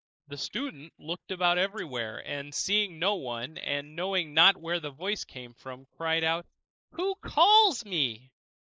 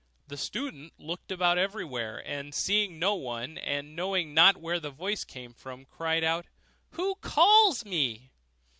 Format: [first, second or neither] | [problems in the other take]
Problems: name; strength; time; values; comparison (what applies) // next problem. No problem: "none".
second | noise reduction (neural mask model Resemble Enhance denoiser)